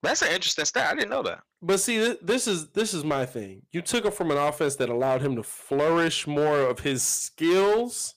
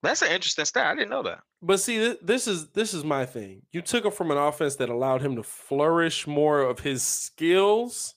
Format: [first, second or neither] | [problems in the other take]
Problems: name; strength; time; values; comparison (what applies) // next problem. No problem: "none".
second | distortion; slight; 7% of the sound clipped